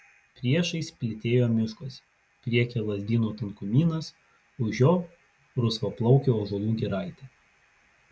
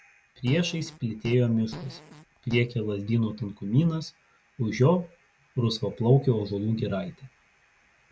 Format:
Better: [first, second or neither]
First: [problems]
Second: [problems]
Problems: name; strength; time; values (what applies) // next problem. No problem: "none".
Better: first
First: none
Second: background sound (Fart); 17 dB below the speech